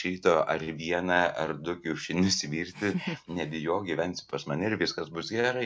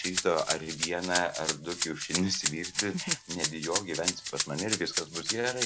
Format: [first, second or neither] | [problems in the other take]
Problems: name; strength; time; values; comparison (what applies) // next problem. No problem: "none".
first | background sound (Rattle (instrument)); 1 dB below the speech